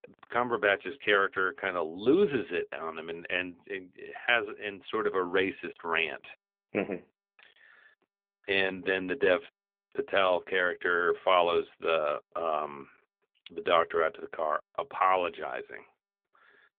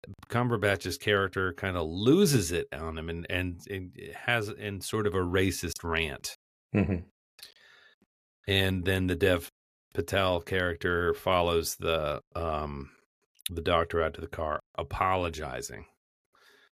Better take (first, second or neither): second